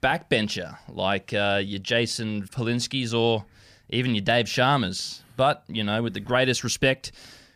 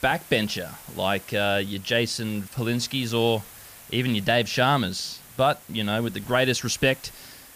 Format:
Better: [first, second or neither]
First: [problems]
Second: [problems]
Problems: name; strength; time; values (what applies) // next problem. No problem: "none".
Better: first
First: none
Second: hiss; noticeable; throughout; 20 dB below the speech